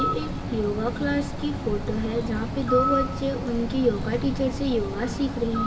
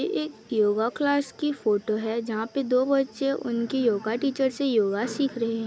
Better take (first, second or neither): second